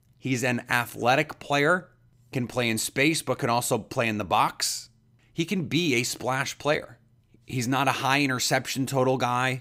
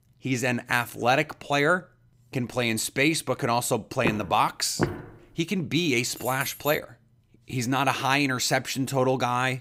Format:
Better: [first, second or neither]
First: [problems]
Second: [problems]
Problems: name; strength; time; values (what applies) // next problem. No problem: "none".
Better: first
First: none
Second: footsteps; noticeable; at 4 s; peak 4 dB below the speech // jangling keys; noticeable; at 6 s; peak 10 dB below the speech